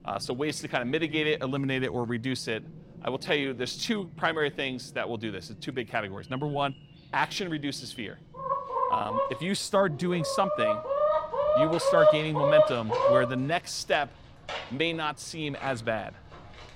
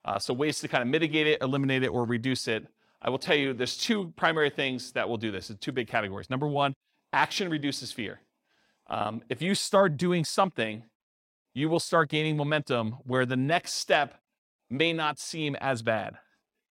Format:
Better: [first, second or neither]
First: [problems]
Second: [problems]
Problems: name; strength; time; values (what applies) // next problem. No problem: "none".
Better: second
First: animal sounds; very loud; throughout; 4 dB above the speech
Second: none